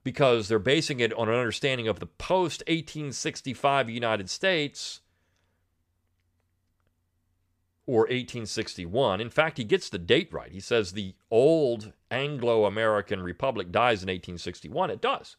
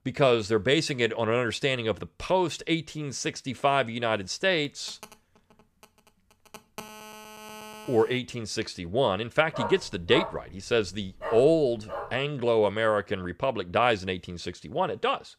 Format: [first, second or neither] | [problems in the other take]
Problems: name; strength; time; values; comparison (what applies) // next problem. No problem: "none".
first | phone ringing; faint; from 4.5 to 8 s; peak 15 dB below the speech // dog barking; noticeable; from 9.5 to 12 s; peak 7 dB below the speech